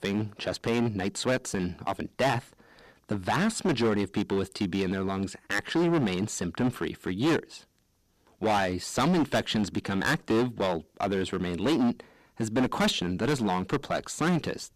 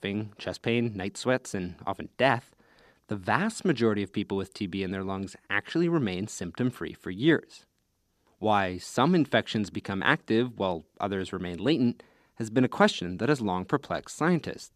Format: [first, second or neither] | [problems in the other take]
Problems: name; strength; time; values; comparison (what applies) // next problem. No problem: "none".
second | distortion; heavy; 11% of the sound clipped